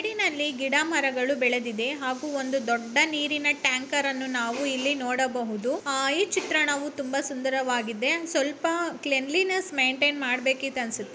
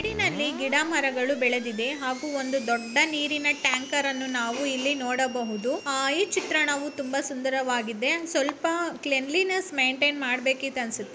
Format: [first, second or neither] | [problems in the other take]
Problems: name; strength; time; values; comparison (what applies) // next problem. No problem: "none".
first | background sound (Screech + Camera); 17 dB below the speech